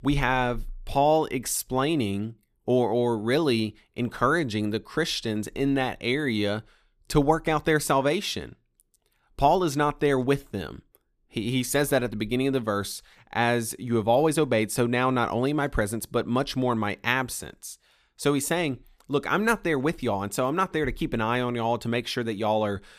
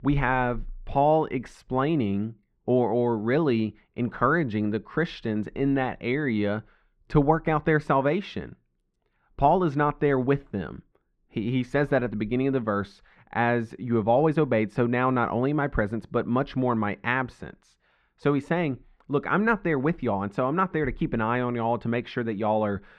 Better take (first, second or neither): first